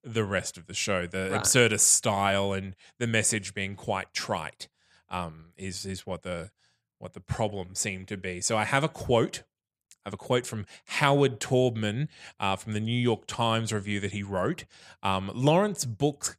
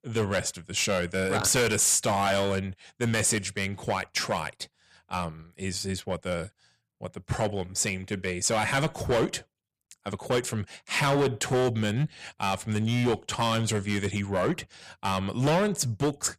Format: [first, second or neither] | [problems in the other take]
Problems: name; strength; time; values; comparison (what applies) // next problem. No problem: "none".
first | distortion; heavy; 8% of the sound clipped